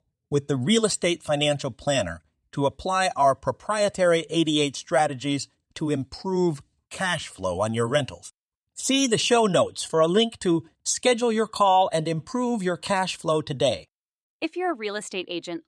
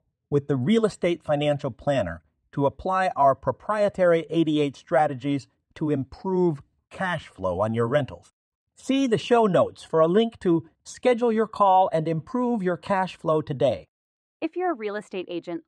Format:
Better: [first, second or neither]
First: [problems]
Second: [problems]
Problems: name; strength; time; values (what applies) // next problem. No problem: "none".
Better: first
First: none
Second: muffled; very; fading above 3 kHz